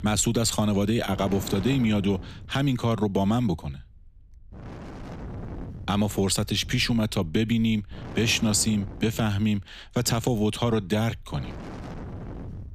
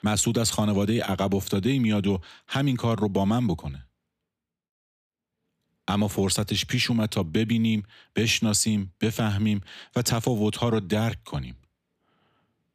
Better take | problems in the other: second | wind noise on the microphone; occasional gusts; 15 dB below the speech

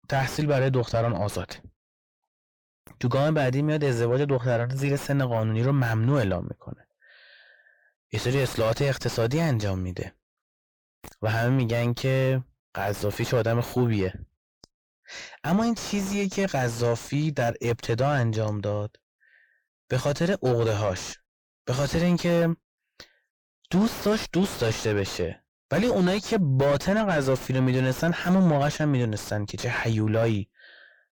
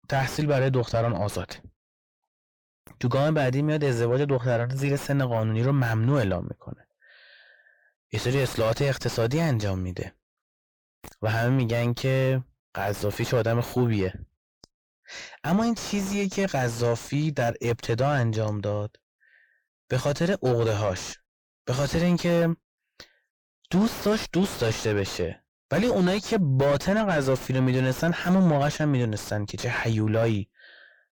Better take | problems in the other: neither | distortion; heavy; 5 dB below the speech; the same in both

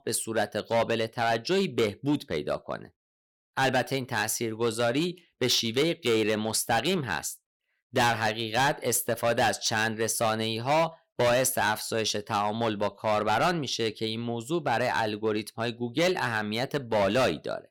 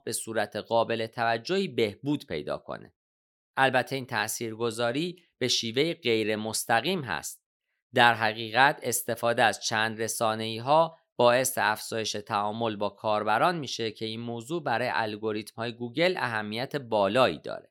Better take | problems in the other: second | distortion; heavy; 8% of the sound clipped

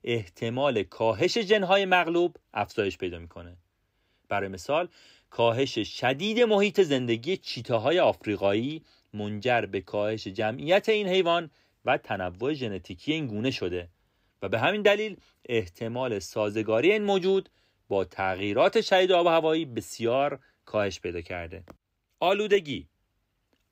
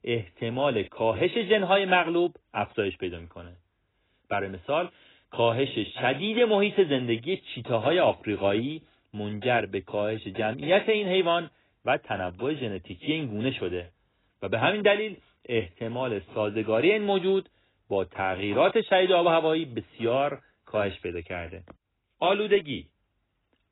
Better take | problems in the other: first | garbled, watery; badly; nothing above 4 kHz

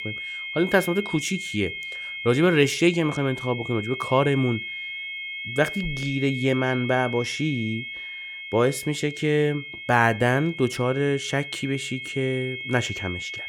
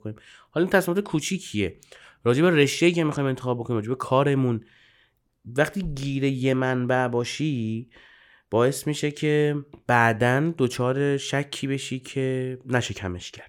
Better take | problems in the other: second | high-pitched whine; loud; throughout; 2 kHz, 8 dB below the speech

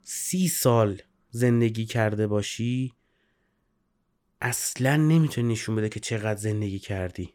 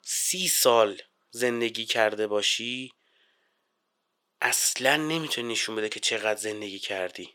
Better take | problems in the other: first | thin; very; fading below 550 Hz

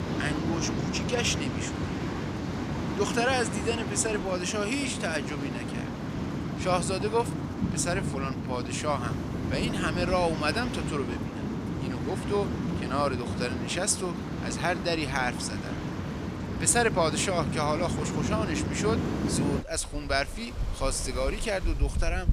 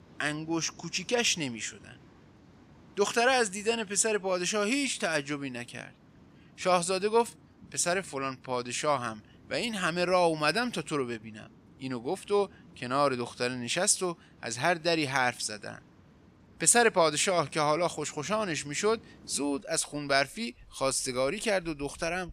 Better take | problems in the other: second | rain or running water; loud; throughout; 2 dB below the speech; faint in the second

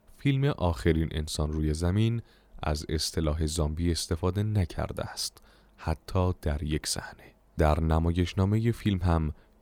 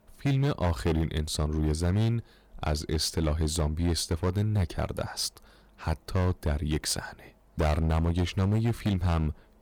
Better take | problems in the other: first | distortion; slight; 10% of the sound clipped

